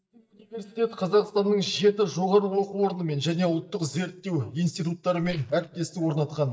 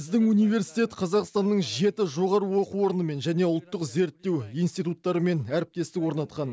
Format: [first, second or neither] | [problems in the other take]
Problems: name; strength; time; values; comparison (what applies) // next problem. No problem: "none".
second | noise reduction (neural mask model DeepFilterNet 3)